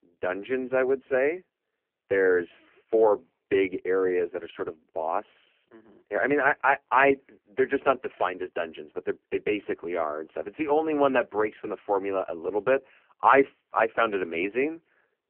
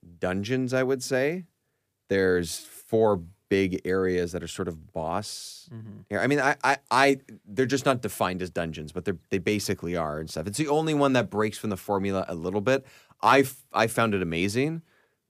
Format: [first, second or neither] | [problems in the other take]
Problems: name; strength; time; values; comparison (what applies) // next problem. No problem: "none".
second | phone-call audio; poor line